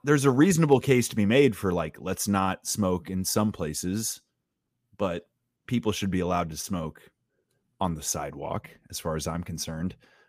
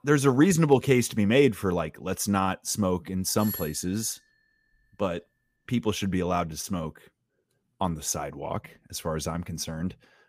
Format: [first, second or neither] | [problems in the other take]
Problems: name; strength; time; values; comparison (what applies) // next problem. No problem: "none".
first | doorbell; noticeable; at 3.5 s; peak 8 dB below the speech